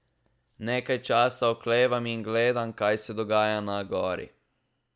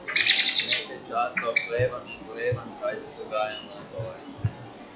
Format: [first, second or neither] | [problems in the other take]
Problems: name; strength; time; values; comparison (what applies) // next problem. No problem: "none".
first | noise reduction (classical method log-MMSE)